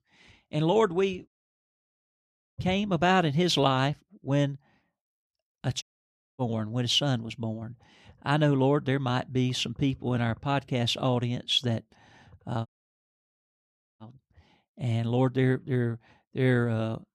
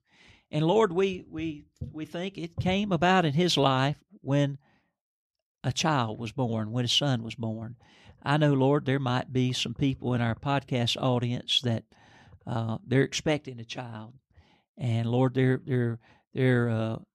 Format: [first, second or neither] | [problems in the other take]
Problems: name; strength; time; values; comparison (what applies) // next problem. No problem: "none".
second | audio cutting out; at 1.5 s for 1.5 s, at 6 s for 0.5 s and at 13 s for 1.5 s